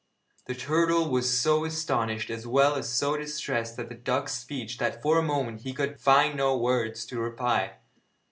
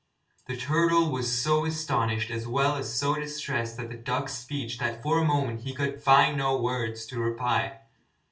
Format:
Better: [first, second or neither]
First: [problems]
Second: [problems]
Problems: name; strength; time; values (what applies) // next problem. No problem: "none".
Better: first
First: none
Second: room echo; dies away in 0.2 s